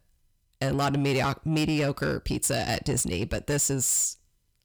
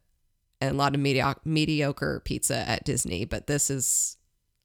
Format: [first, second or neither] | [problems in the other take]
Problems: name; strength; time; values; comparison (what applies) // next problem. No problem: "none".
second | distortion; slight; 10 dB below the speech